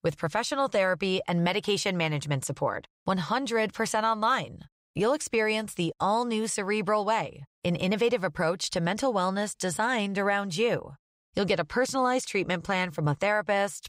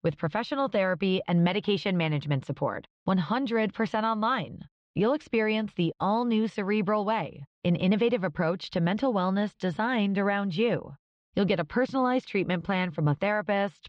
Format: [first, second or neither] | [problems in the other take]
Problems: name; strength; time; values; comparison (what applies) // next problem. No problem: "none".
first | muffled; slightly; fading above 3.5 kHz